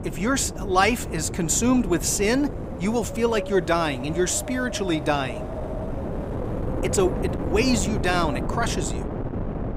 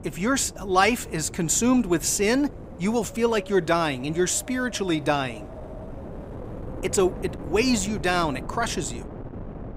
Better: second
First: wind noise on the microphone; heavy; 9 dB below the speech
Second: wind noise on the microphone; occasional gusts; 15 dB below the speech

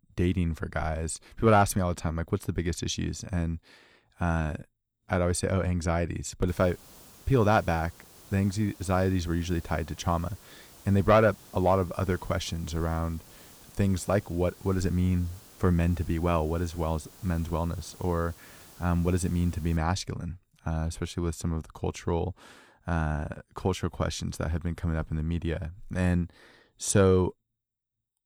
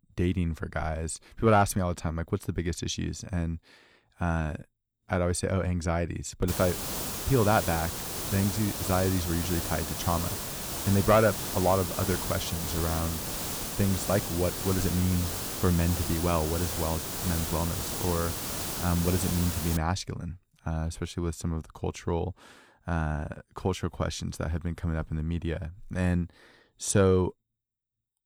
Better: first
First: hiss; faint; from 6.5 to 20 s; 20 dB below the speech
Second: hiss; loud; from 6.5 to 20 s; 3 dB below the speech

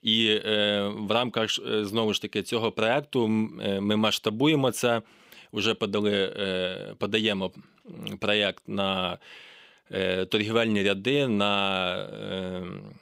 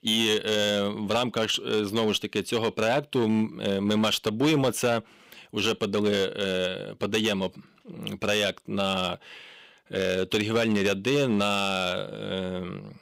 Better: first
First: none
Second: distortion; slight; 5% of the sound clipped

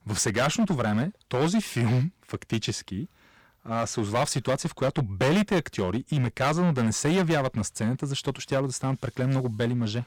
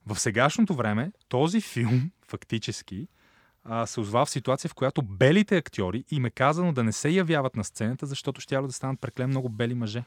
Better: second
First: distortion; heavy; 10% of the sound clipped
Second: none

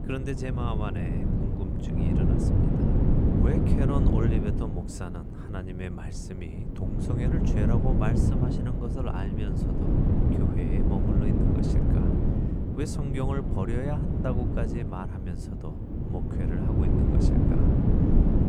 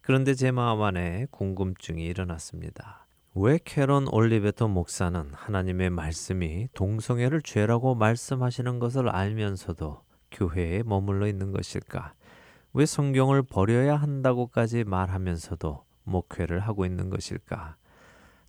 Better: second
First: wind noise on the microphone; heavy; 4 dB above the speech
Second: none

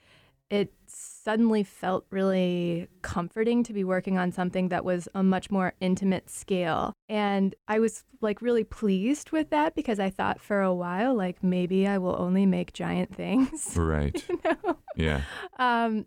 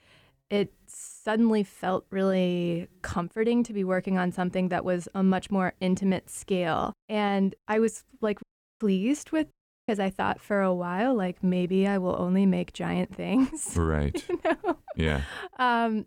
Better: first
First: none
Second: audio cutting out; at 8.5 s and at 9.5 s

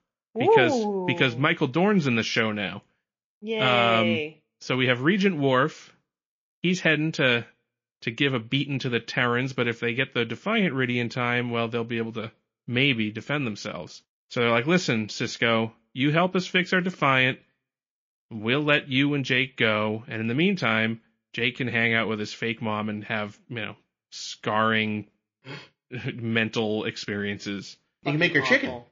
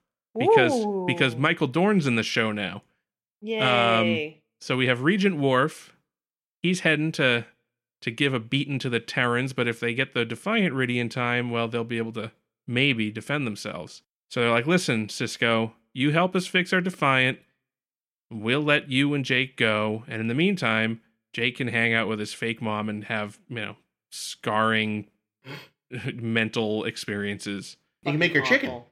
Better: second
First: garbled, watery; slightly; nothing above 6.5 kHz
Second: none

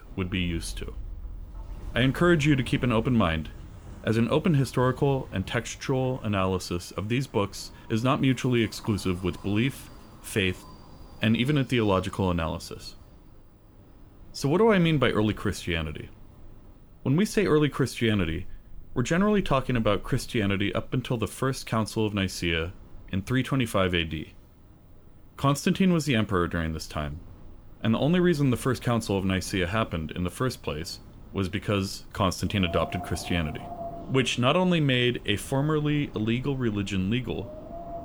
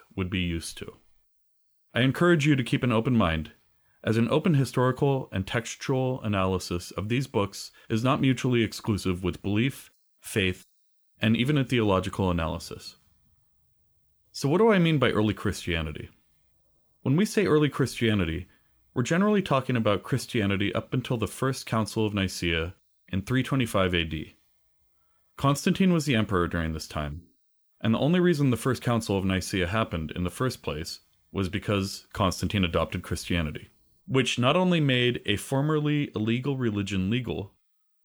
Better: second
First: wind in the background; faint; throughout; 20 dB below the speech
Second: none

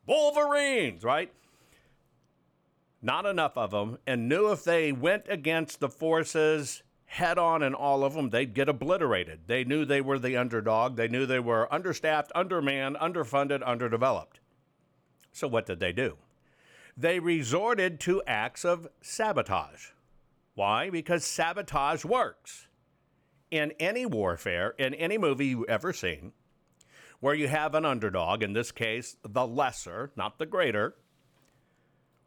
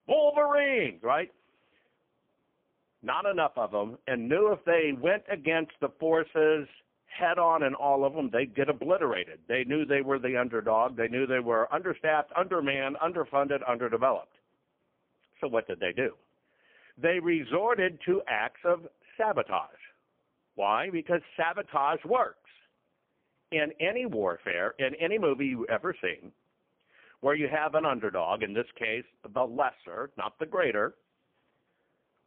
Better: first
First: none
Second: phone-call audio; poor line; nothing above 3 kHz

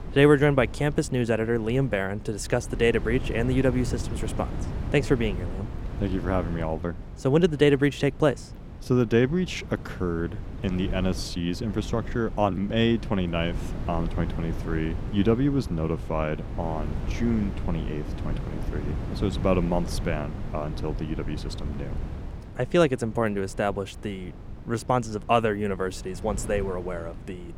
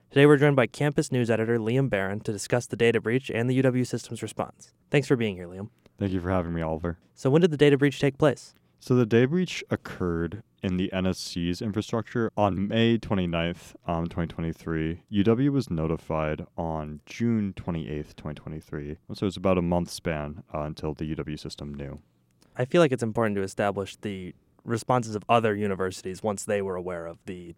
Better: second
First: wind noise on the microphone; occasional gusts; 15 dB below the speech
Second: none

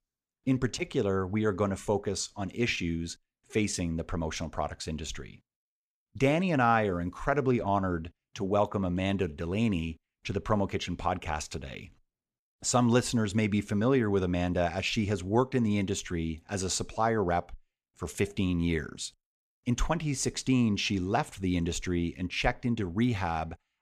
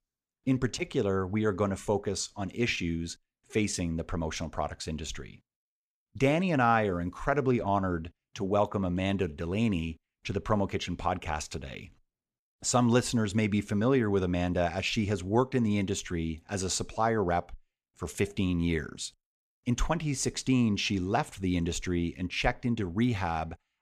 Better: neither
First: none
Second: none

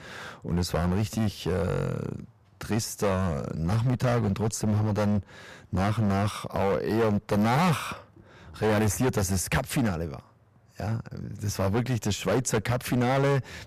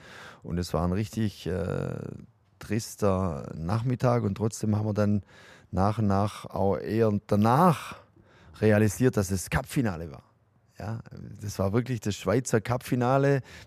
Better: second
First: distortion; heavy; 14% of the sound clipped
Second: none

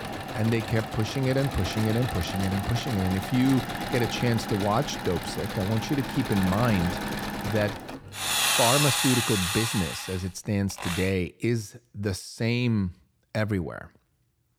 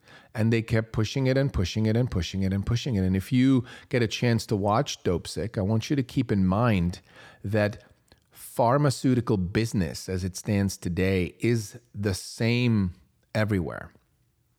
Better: second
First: machinery noise; loud; until 11 s; 2 dB below the speech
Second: none

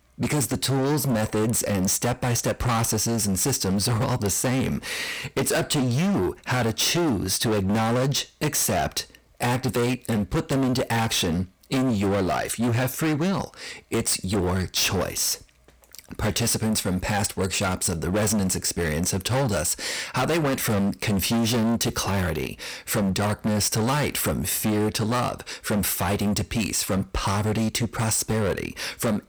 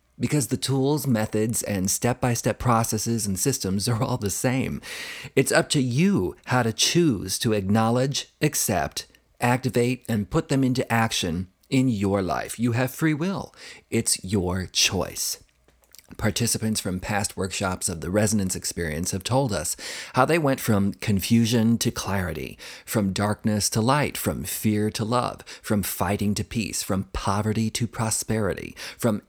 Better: second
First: distortion; heavy; 26% of the sound clipped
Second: none

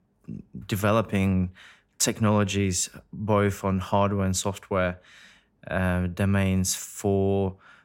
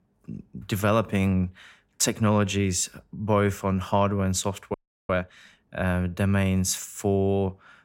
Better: first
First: none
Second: audio freezing; at 4.5 s

